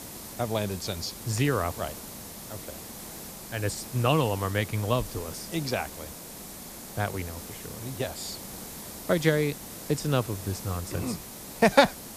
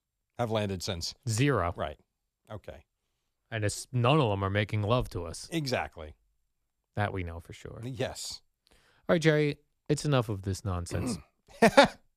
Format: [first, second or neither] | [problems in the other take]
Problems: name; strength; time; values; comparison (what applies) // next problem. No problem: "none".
second | hiss; noticeable; throughout; 10 dB below the speech